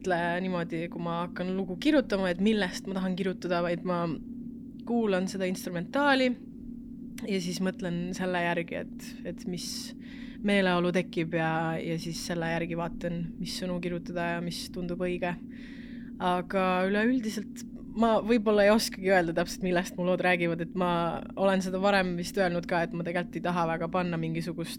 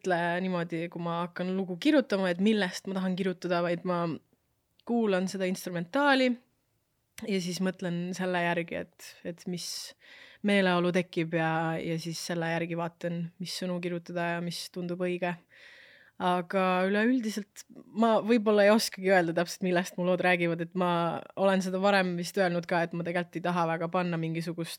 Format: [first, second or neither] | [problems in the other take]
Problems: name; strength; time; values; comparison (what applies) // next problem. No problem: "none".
second | low rumble; noticeable; throughout; 20 dB below the speech